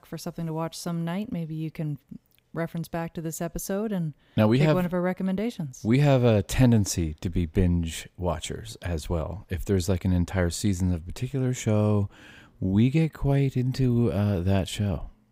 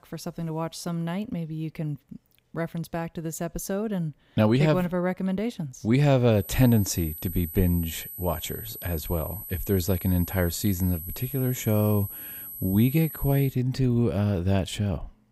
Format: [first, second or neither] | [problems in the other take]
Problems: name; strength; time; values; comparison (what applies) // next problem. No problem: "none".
first | high-pitched whine; loud; from 6.5 to 13 s; 12 kHz, 10 dB below the speech